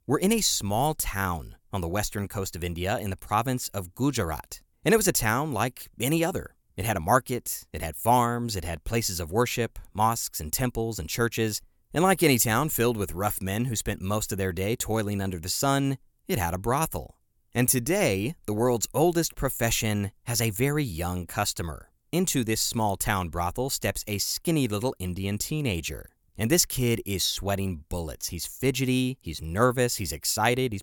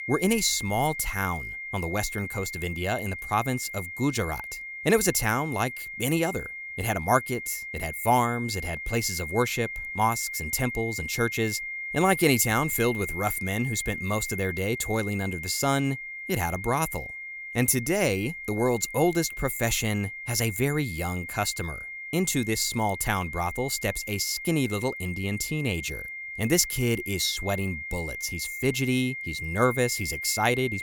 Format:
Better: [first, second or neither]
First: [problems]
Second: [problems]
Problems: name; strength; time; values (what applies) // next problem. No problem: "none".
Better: first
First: none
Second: high-pitched whine; loud; throughout; 2 kHz, 7 dB below the speech